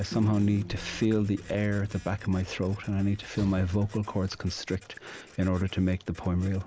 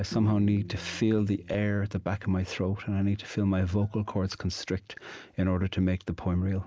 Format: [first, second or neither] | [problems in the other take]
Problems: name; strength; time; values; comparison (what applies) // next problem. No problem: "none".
second | background sound (Sliding door / Slam + Printer); 20 dB below the speech